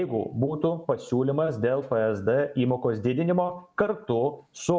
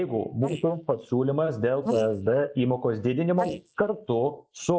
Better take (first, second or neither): first